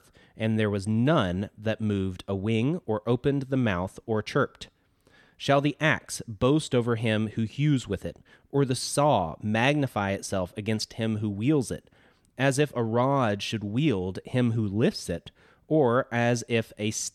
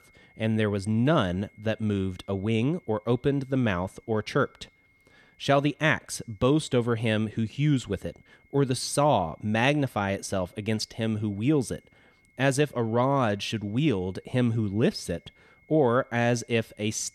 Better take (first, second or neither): first